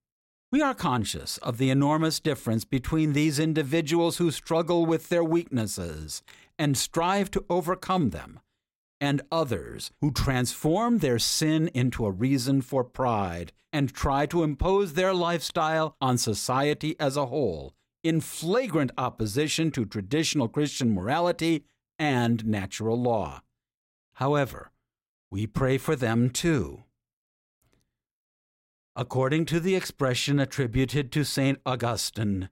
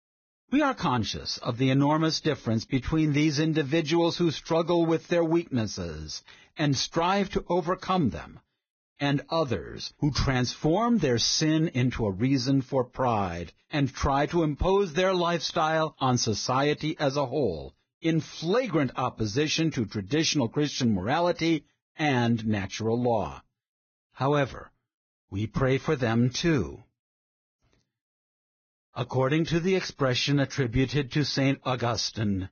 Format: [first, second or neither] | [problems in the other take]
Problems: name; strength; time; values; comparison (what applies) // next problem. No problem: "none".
first | garbled, watery; badly; nothing above 6.5 kHz